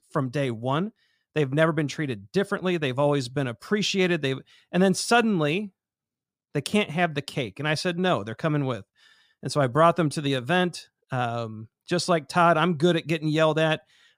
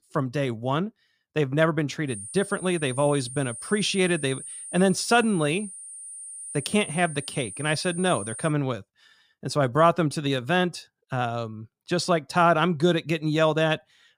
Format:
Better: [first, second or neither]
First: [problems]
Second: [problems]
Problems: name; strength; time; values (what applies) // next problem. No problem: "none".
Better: first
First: none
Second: high-pitched whine; noticeable; from 2 to 8.5 s; 9.5 kHz, 10 dB below the speech